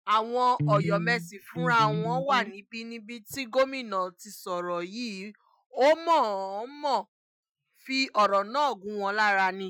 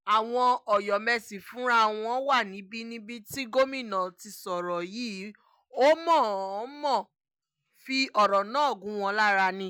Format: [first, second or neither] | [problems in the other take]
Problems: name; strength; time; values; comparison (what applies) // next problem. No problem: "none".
second | noise reduction (classical method Wiener filter)